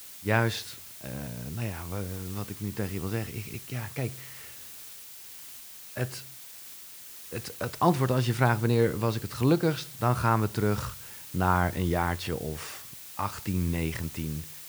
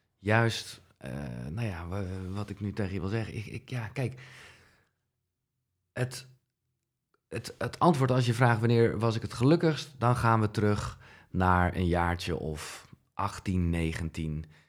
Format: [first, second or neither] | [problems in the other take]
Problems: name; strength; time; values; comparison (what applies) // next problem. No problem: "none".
second | hiss; noticeable; throughout; 10 dB below the speech